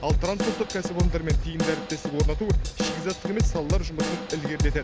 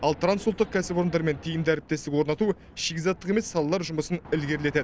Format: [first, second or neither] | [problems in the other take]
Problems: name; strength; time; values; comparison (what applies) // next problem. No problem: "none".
second | background sound (Drum / Drum kit); 4 dB above the speech